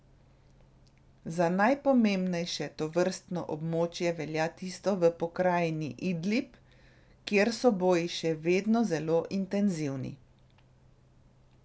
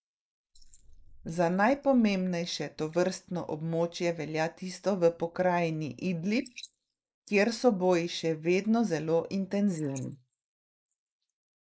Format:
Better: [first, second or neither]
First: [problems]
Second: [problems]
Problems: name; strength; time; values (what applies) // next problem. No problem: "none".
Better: first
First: none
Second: noise reduction (neural mask model Resemble Enhance denoiser)